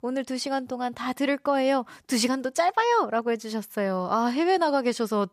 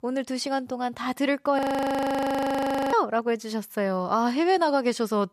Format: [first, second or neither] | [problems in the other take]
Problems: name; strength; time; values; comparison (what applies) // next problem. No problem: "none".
first | audio freezing; at 1.5 s for 1.5 s